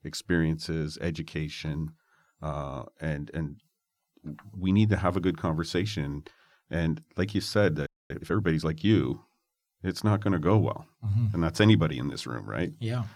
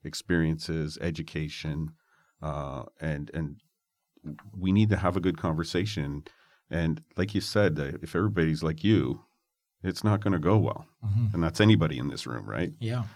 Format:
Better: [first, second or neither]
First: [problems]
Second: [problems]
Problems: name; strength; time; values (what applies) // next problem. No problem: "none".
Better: second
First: audio freezing; at 8 s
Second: none